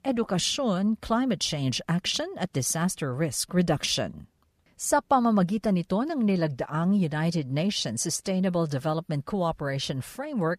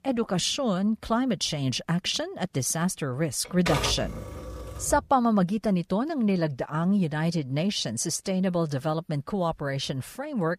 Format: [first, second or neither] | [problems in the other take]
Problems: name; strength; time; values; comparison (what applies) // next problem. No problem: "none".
first | keyboard typing; noticeable; from 3.5 to 5 s; peak 2 dB below the speech